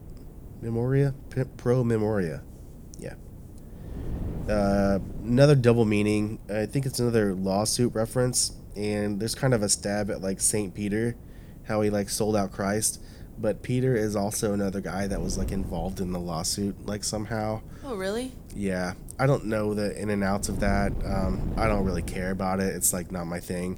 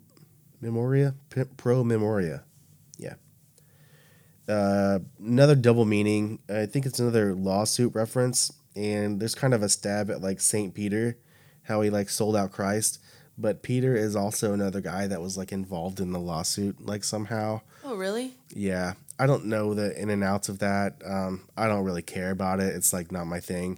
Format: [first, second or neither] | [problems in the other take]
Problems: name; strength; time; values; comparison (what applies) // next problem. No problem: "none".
second | wind noise on the microphone; occasional gusts; 20 dB below the speech